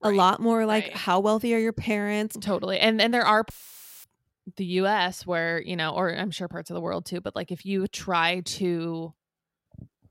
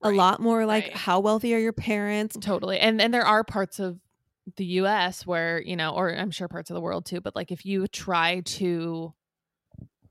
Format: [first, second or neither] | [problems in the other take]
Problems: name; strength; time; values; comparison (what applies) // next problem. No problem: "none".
second | audio cutting out; filled with static; at 3.5 s for 0.5 s